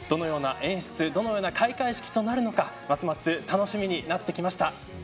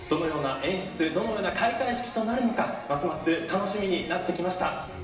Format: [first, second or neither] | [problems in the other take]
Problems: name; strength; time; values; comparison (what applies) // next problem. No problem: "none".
first | room echo; dies away in 0.9 s